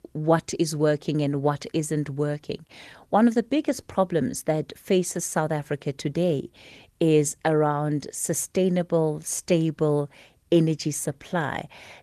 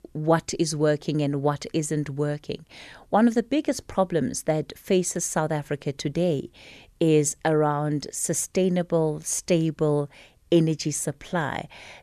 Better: second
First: garbled, watery; slightly; nothing above 13.5 kHz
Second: none

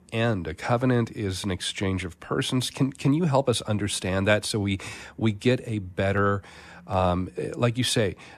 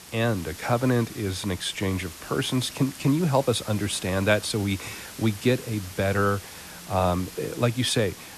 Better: first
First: none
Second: hiss; noticeable; throughout; 15 dB below the speech

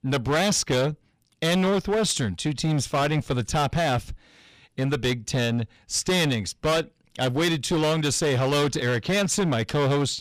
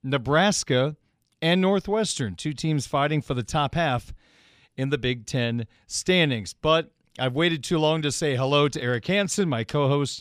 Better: second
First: distortion; heavy; 18% of the sound clipped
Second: none

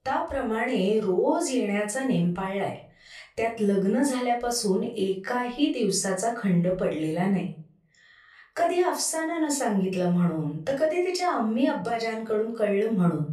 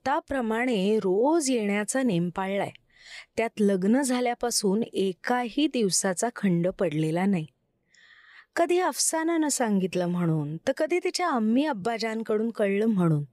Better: second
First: off-mic speech; somewhat distant // room echo; slight; dies away in 0.3 s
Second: none

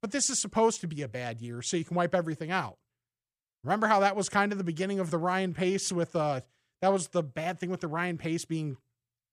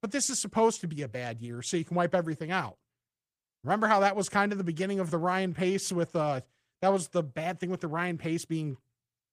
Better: first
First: none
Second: garbled, watery; slightly

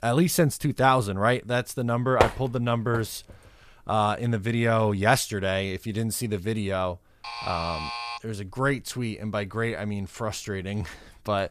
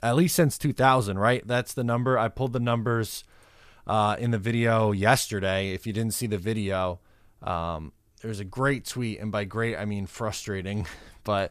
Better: second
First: door banging; loud; at 2 s; peak 2 dB above the speech // alarm; noticeable; at 7 s; peak 6 dB below the speech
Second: none

